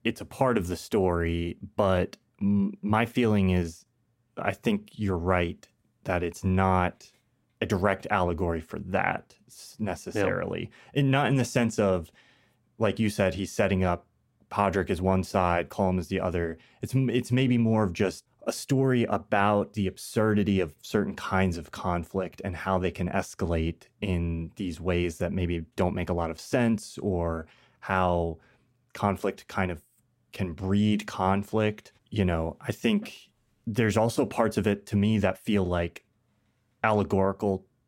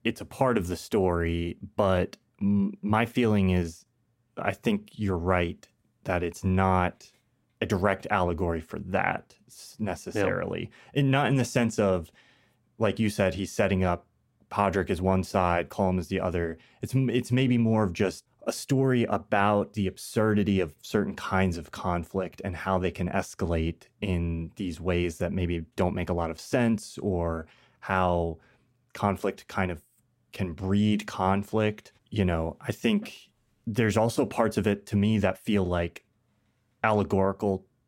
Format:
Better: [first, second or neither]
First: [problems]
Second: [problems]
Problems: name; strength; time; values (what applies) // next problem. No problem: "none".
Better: neither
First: none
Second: none